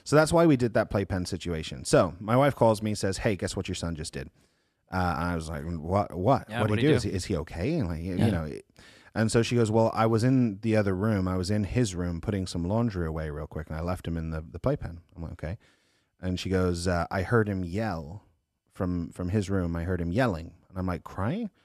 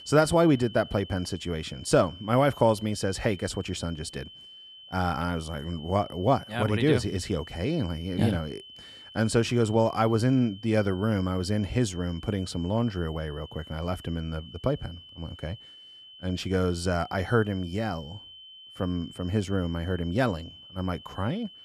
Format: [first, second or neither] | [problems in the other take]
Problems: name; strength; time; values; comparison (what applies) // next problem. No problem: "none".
first | high-pitched whine; noticeable; throughout; 3 kHz, 20 dB below the speech